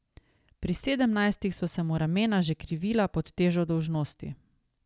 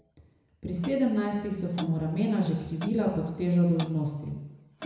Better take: first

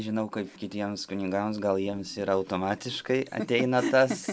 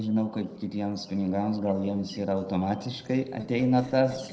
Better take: first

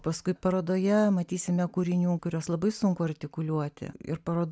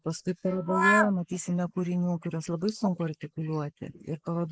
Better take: first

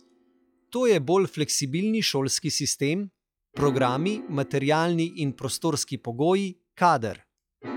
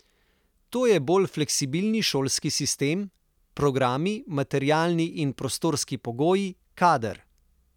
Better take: second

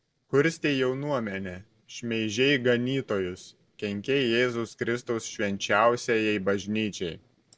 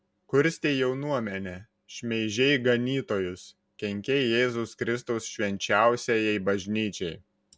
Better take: second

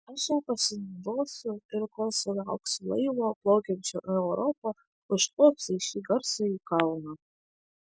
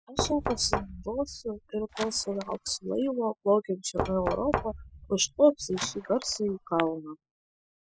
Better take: first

